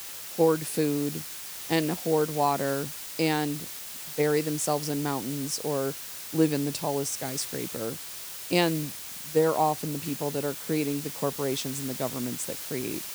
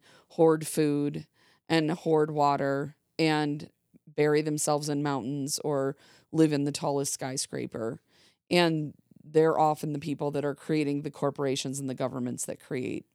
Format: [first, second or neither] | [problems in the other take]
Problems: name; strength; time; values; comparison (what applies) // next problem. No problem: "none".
second | hiss; loud; throughout; 7 dB below the speech